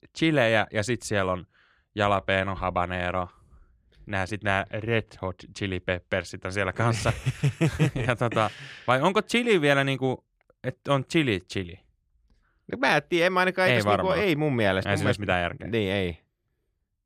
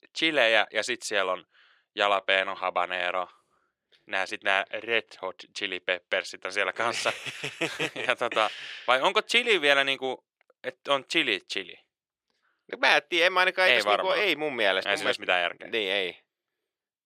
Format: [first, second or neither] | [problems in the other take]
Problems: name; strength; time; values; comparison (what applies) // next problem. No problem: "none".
first | thin; very; fading below 500 Hz